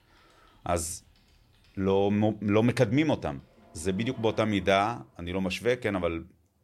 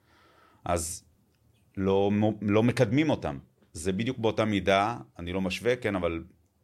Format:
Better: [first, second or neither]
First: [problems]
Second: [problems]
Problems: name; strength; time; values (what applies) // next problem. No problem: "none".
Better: second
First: household noises; faint; throughout; 30 dB below the speech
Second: none